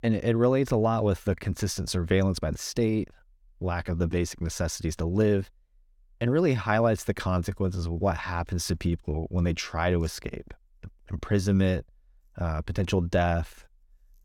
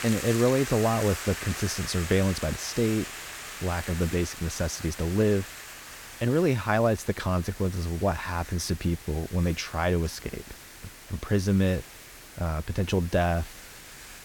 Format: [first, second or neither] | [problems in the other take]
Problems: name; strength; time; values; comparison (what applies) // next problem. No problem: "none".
first | hiss; noticeable; throughout; 10 dB below the speech